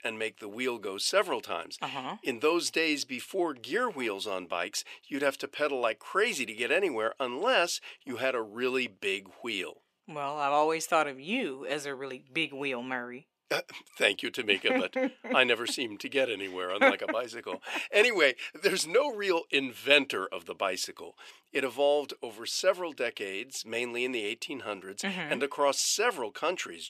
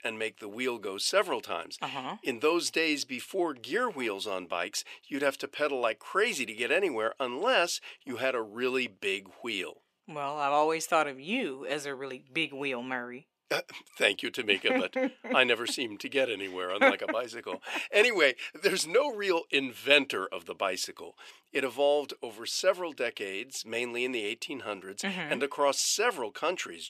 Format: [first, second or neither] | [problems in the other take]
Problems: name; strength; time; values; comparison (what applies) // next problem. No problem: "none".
neither | thin; somewhat; fading below 400 Hz; the same in both